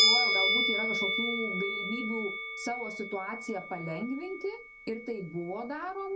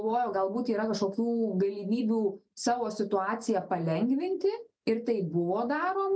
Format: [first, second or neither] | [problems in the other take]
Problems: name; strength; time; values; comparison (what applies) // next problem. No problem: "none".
second | background sound (Musical instrument); 4 dB above the speech